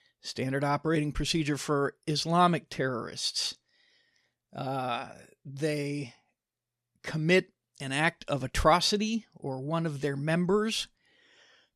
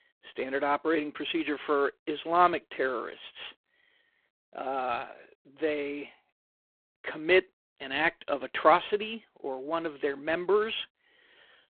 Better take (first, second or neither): first